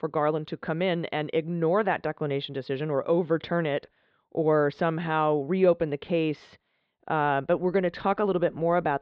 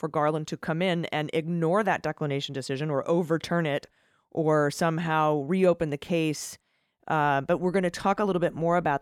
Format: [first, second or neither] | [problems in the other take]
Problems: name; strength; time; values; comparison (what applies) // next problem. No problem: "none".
second | muffled; slightly; fading above 4 kHz